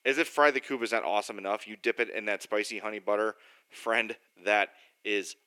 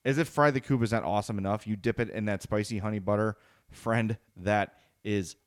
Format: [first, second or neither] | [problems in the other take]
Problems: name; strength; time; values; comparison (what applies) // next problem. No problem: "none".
second | thin; somewhat; fading below 350 Hz